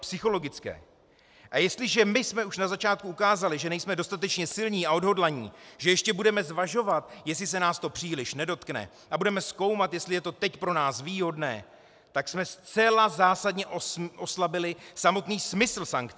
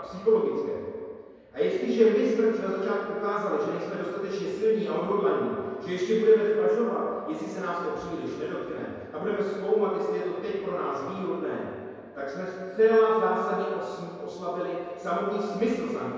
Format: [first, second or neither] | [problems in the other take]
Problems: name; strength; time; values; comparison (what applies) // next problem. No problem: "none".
first | room echo; dies away in 2.2 s